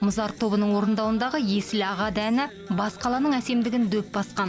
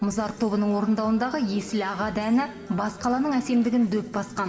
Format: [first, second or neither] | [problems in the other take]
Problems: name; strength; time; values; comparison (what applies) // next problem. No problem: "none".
first | room echo; dies away in 1.8 s